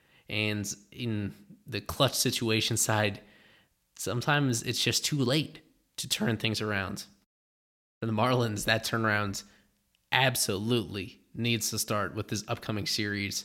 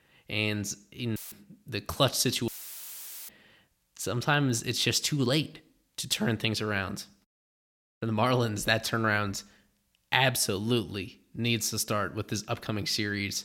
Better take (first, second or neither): first